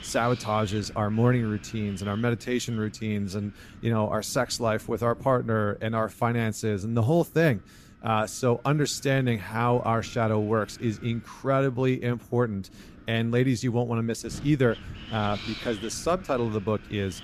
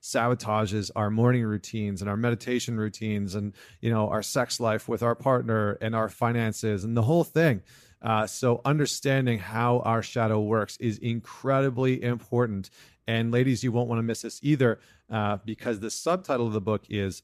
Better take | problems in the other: second | wind noise on the microphone; occasional gusts; 15 dB below the speech

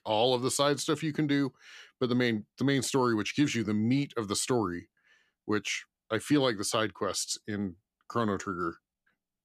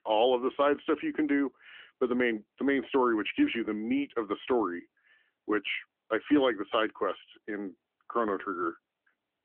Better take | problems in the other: first | phone-call audio; nothing above 3.5 kHz

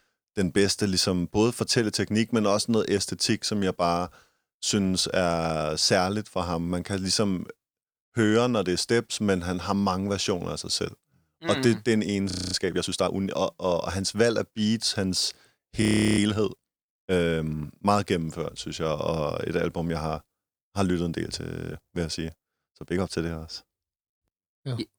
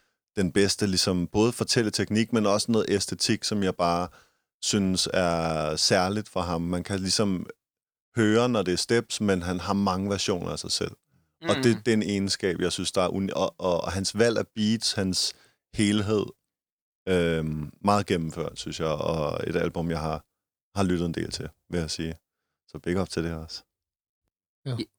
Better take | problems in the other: second | audio freezing; at 12 s, at 16 s and at 21 s

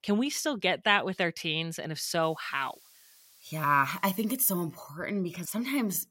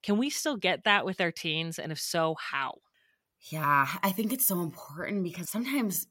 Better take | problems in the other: second | hiss; faint; from 2 to 4 s; 25 dB below the speech

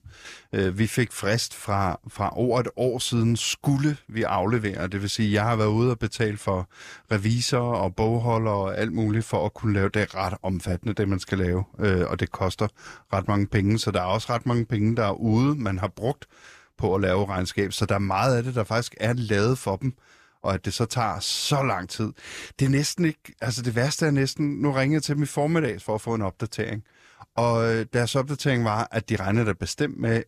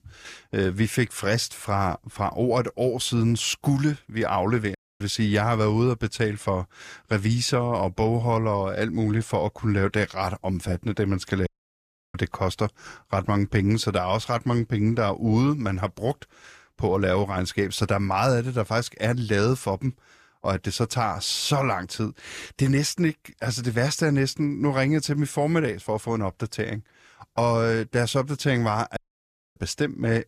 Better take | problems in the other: first | audio cutting out; at 5 s, at 11 s for 0.5 s and at 29 s for 0.5 s

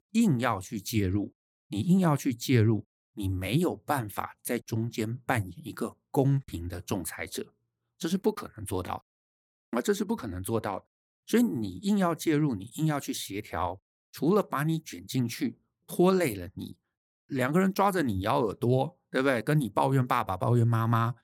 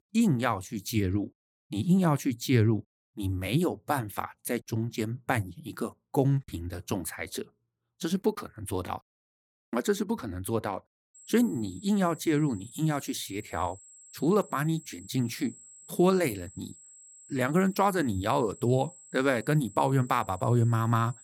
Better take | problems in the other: first | high-pitched whine; faint; from 11 s on; 7.5 kHz, 20 dB below the speech

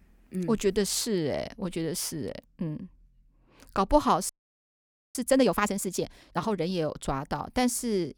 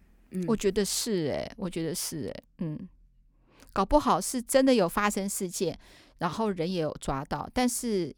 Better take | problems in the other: second | audio freezing; at 4.5 s for 1 s

